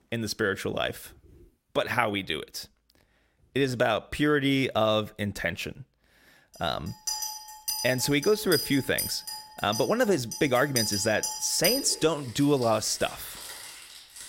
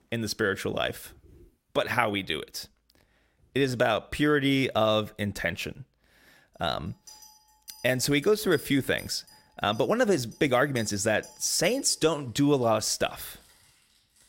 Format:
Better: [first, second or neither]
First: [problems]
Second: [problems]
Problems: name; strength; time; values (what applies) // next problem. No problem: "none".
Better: second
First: household noises; loud; from 7 s on; 6 dB below the speech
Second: household noises; faint; from 7 s on; 25 dB below the speech